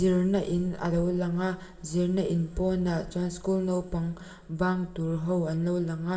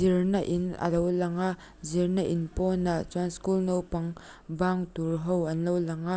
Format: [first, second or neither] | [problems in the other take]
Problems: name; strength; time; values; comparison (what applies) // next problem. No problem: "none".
second | room echo; dies away in 2.5 s